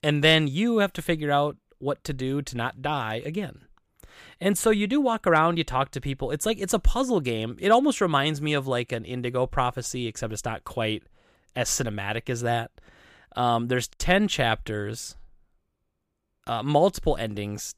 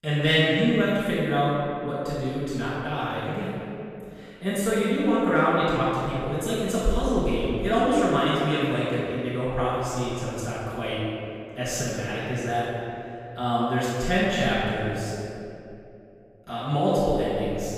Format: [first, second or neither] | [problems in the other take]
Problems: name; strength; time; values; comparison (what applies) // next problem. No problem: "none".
first | off-mic speech; far // room echo; strong; dies away in 2.5 s